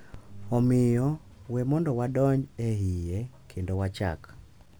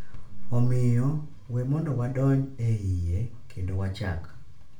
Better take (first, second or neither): first